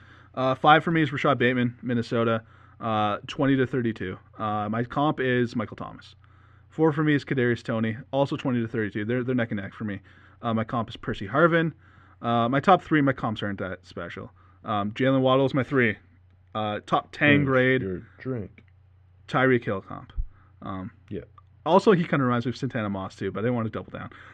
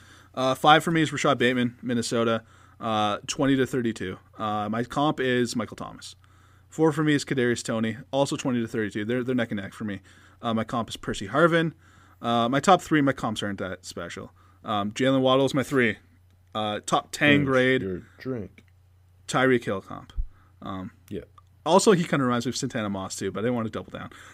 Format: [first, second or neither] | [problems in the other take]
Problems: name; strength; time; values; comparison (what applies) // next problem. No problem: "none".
second | muffled; slightly; fading above 2.5 kHz